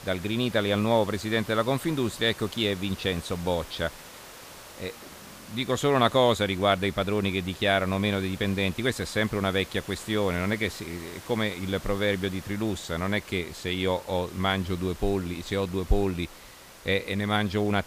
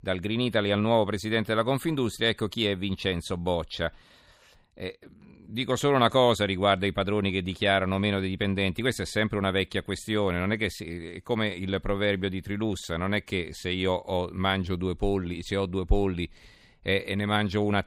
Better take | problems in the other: second | hiss; noticeable; throughout; 15 dB below the speech

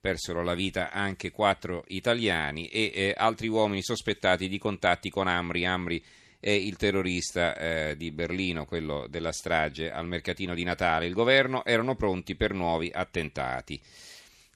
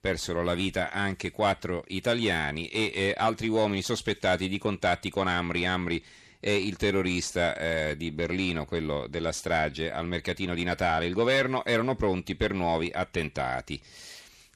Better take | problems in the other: first | distortion; slight; 10 dB below the speech

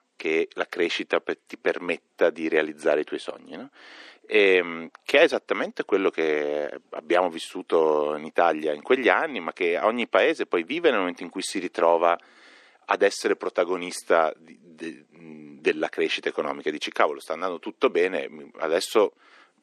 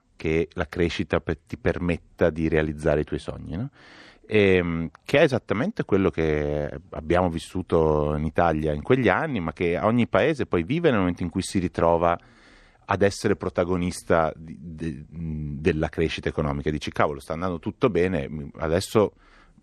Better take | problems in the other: second | thin; somewhat; fading below 300 Hz

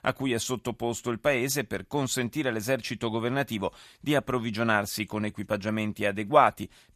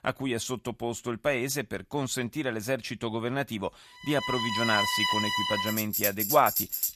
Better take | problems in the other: first | background music; very loud; from 4.5 s on; 2 dB above the speech

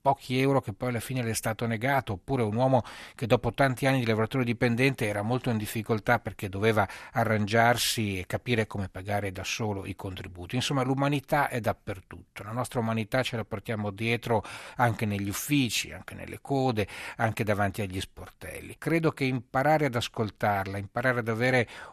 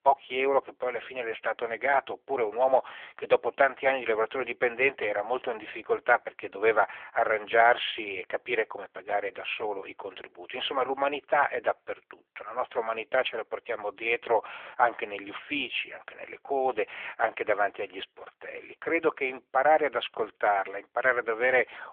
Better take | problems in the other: first | phone-call audio; nothing above 3.5 kHz

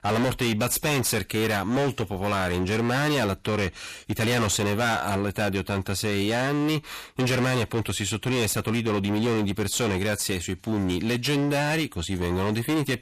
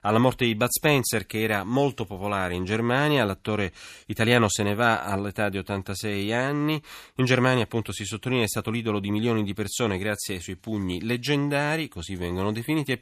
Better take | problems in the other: second | distortion; heavy; 28% of the sound clipped

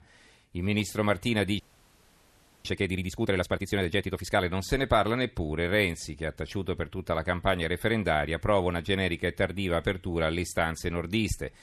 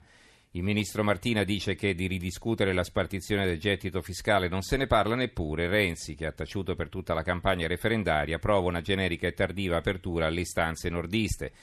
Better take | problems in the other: second | audio freezing; at 1.5 s for 1 s

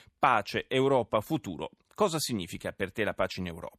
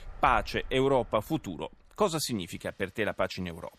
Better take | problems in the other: first | traffic noise; faint; throughout; 20 dB below the speech

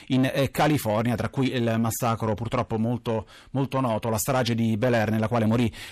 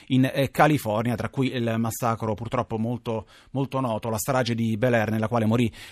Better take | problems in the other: second | distortion; slight; 10 dB below the speech

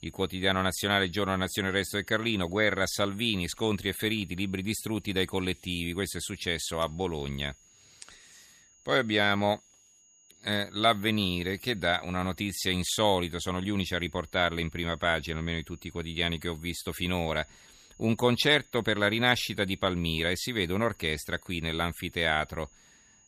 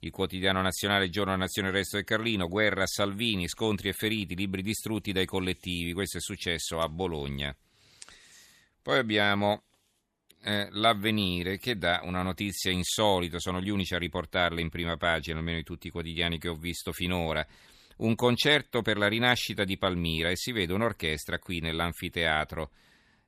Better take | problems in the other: second | high-pitched whine; faint; throughout; 6.5 kHz, 30 dB below the speech

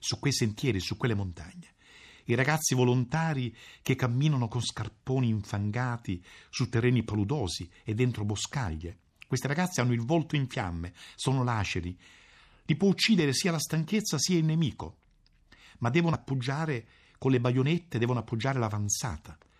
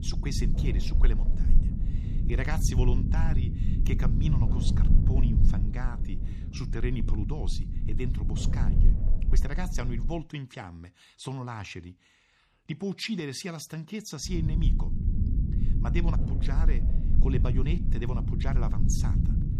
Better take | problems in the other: first | low rumble; loud; until 10 s and from 14 s on; 4 dB below the speech

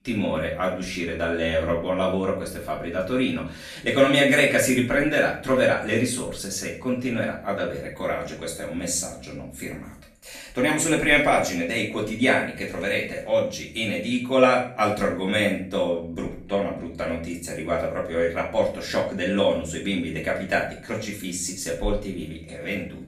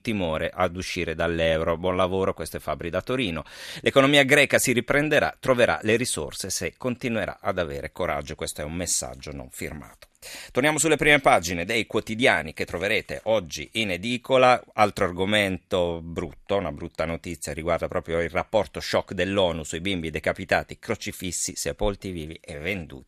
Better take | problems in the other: second | off-mic speech; far // room echo; slight; dies away in 0.4 s

